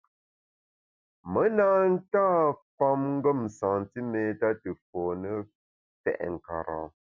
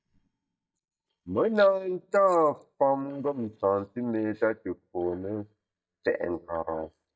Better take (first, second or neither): first